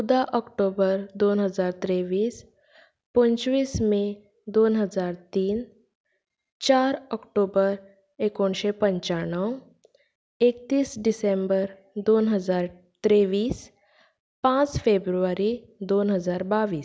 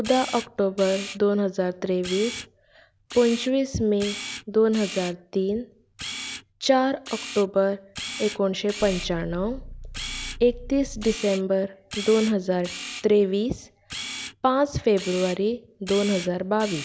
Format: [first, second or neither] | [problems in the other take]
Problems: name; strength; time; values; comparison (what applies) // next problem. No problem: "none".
first | background sound (Idling / Car + Camera); 13 dB below the speech